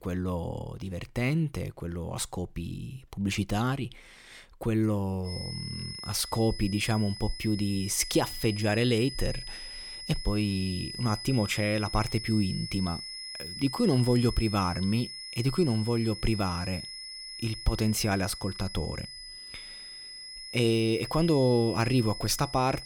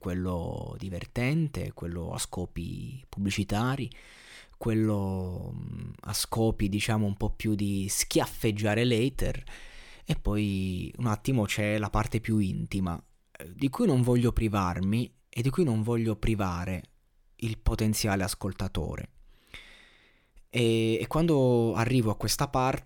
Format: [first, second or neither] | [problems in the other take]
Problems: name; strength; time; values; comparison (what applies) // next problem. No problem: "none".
second | high-pitched whine; loud; from 5.5 s on; 5 kHz, 9 dB below the speech